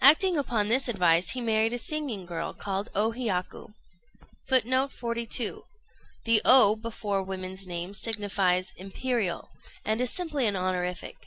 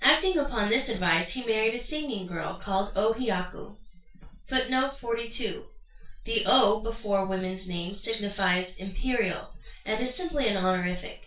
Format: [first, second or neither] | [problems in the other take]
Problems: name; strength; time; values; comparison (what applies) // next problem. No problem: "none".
first | room echo; dies away in 0.3 s